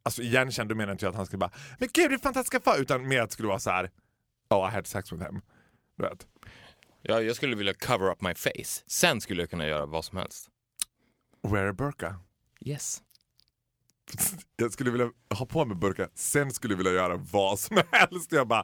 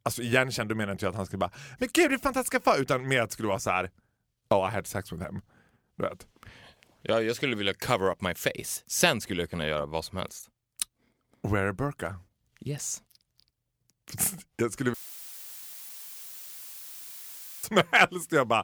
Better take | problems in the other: first | audio cutting out; filled with static; at 15 s for 2.5 s

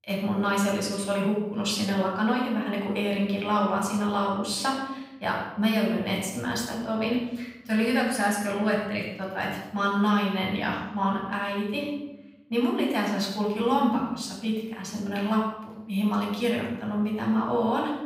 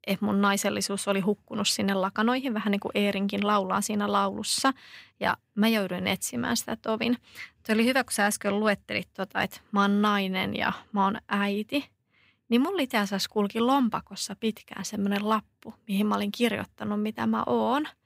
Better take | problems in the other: second | off-mic speech; far // room echo; noticeable; dies away in 0.8 s

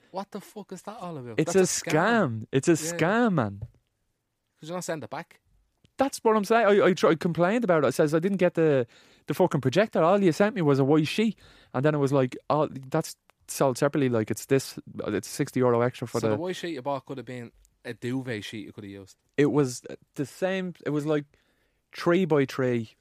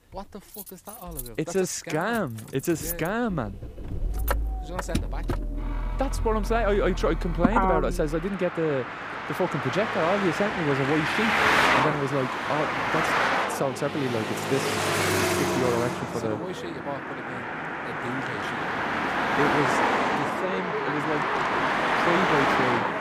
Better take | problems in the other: first | traffic noise; very loud; throughout; 2 dB above the speech

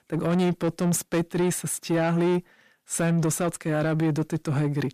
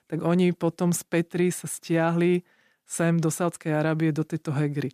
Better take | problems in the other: second | distortion; slight; 9 dB below the speech

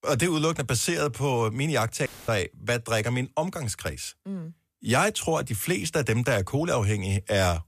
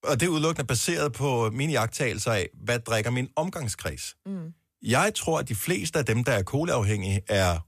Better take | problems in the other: second | audio cutting out; filled with static; at 2 s

